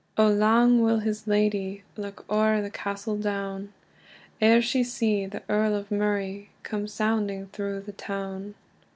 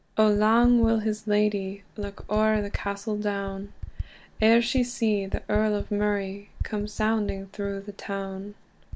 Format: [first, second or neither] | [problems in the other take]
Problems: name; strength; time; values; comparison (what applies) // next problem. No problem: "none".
first | background sound (Typing); 11 dB below the speech